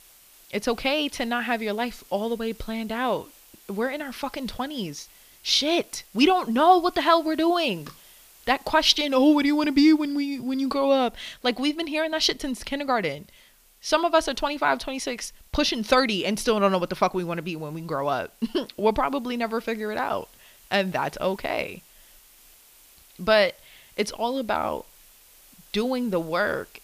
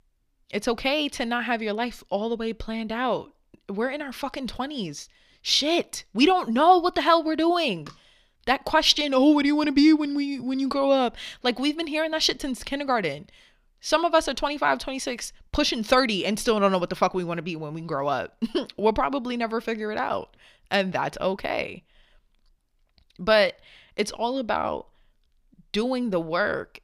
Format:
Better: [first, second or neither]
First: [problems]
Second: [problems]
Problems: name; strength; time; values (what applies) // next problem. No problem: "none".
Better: second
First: hiss; faint; throughout; 25 dB below the speech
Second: none